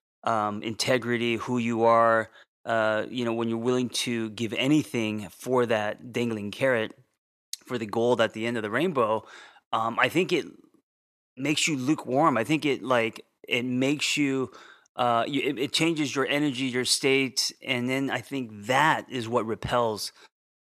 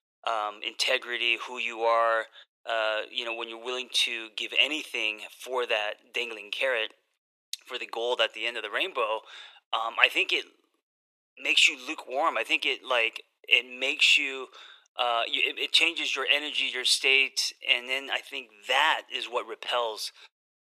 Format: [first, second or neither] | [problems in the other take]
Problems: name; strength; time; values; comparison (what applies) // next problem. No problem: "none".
first | thin; very; fading below 450 Hz